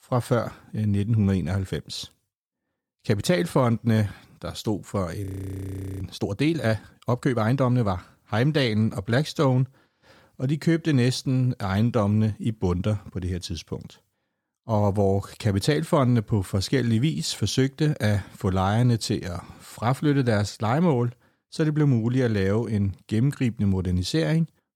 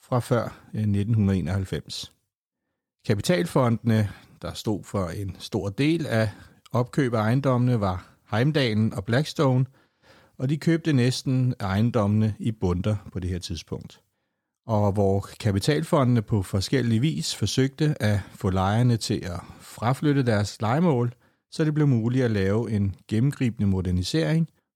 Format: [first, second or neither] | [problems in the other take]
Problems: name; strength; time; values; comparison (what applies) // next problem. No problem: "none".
second | audio freezing; at 5.5 s for 1 s